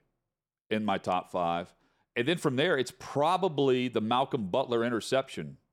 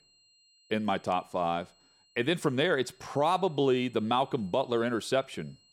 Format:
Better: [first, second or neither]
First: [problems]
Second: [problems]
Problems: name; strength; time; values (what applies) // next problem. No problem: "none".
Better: first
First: none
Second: high-pitched whine; faint; throughout; 4 kHz, 35 dB below the speech